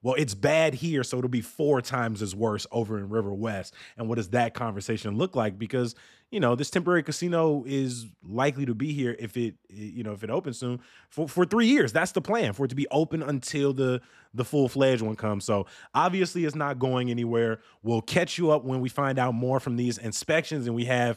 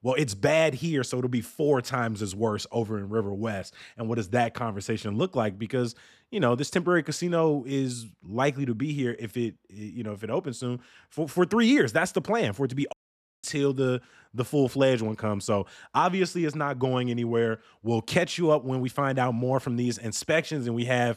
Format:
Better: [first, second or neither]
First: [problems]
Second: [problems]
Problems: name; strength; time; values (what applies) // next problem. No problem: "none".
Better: first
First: none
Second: audio cutting out; at 13 s for 0.5 s